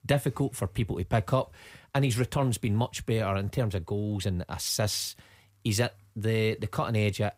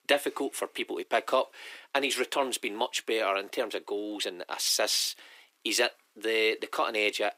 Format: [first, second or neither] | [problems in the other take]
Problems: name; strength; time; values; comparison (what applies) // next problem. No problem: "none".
first | thin; very; fading below 300 Hz